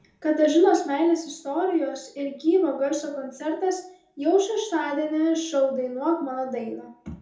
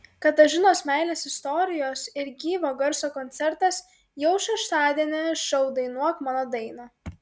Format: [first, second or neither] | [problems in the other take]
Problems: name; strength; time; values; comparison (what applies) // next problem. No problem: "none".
second | room echo; dies away in 0.5 s